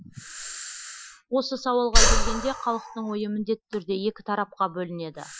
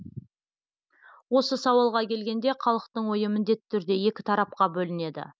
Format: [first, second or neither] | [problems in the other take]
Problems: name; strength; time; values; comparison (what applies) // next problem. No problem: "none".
second | noise reduction (classical method Wiener filter)